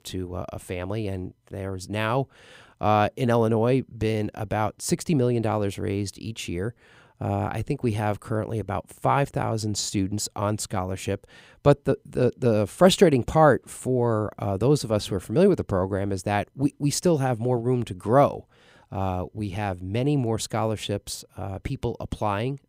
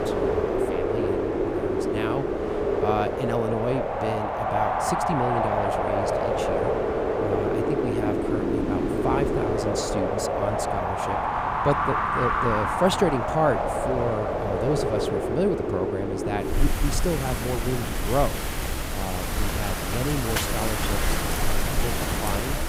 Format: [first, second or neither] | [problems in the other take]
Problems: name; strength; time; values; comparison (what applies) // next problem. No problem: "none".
first | wind in the background; very loud; throughout; 4 dB above the speech